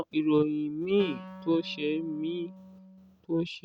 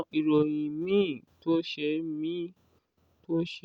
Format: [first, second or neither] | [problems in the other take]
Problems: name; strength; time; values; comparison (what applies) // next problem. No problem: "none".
second | background sound (Wind instrument, woodwind instrument); 17 dB below the speech